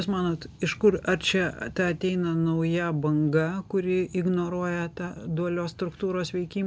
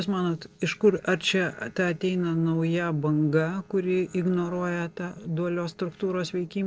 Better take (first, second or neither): first